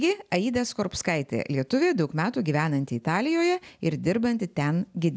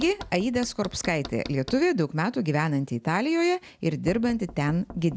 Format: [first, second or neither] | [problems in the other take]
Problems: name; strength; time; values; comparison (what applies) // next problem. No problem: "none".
first | background sound (Knock); 19 dB below the speech